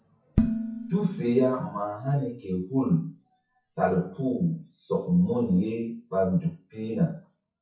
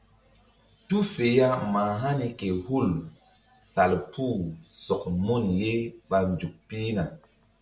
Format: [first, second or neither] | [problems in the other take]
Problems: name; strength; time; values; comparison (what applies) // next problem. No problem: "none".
second | noise reduction (classical method WPE with log-MMSE)